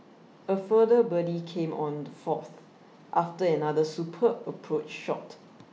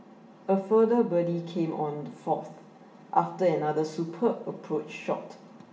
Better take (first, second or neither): first